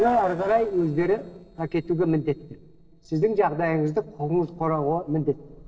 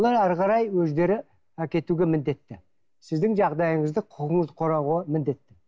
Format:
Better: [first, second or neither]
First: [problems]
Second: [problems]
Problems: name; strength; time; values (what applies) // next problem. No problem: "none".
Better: second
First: noise reduction (neural separator model SepFormer DNS4)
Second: none